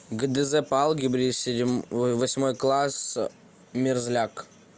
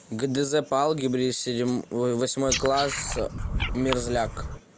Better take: first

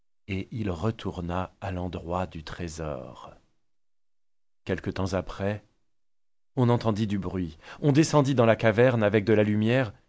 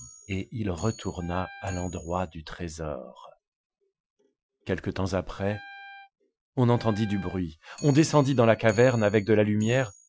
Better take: first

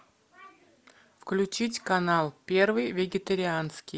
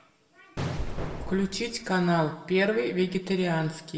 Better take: first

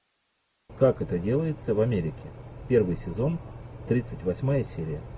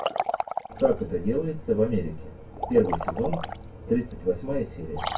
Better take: first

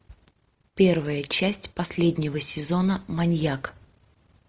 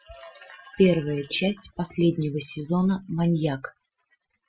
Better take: first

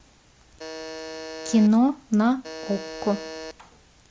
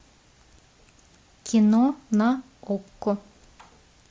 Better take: second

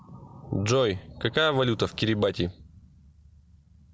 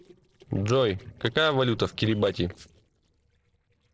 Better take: first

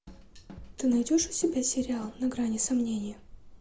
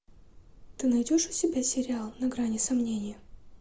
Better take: second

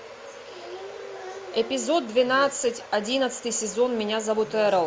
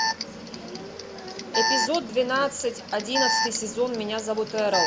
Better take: first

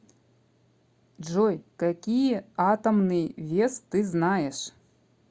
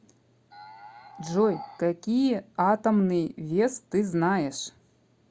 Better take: first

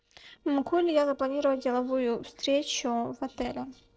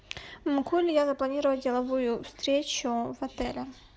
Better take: second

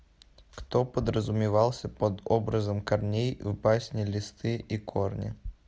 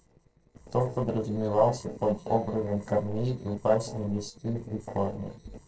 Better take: first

